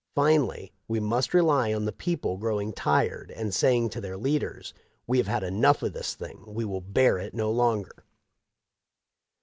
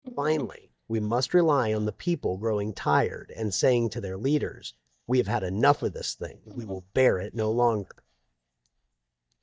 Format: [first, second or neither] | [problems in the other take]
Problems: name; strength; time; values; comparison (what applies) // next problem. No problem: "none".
first | noise reduction (neural mask model DeepFilterNet 3)